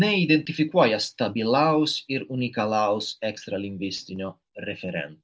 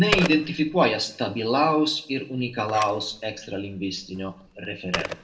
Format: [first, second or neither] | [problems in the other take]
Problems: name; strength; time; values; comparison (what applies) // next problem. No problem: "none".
first | background sound (Telephone); 11 dB below the speech // room echo; dies away in 0.5 s